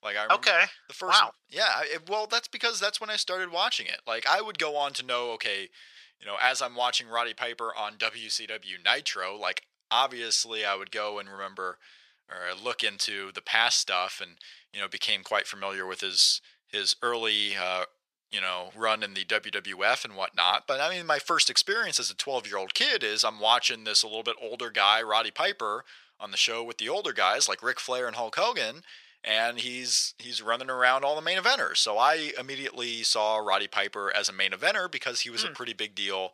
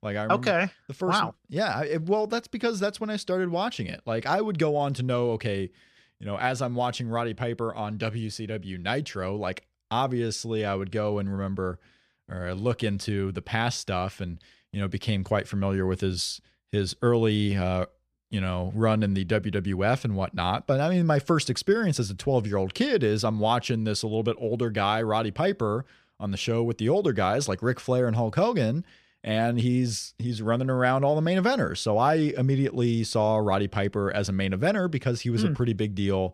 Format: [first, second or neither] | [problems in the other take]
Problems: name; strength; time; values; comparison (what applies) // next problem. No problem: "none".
second | thin; very; fading below 900 Hz